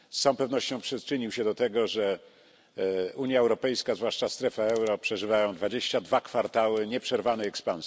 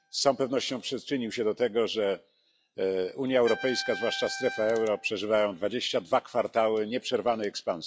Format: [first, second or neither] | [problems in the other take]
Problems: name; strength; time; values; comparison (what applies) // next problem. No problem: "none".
first | noise reduction (classical method log-MMSE)